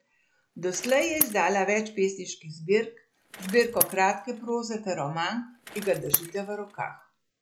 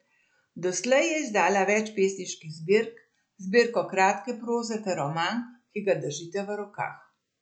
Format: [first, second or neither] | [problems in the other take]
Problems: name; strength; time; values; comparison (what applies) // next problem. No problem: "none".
second | background sound (Bicycle); 8 dB below the speech